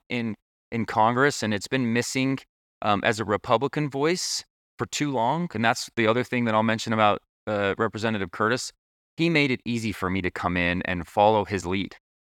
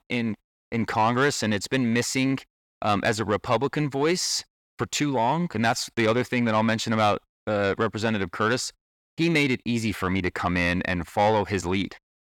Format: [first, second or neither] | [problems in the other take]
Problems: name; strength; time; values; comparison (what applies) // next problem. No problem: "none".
first | distortion; slight; 10 dB below the speech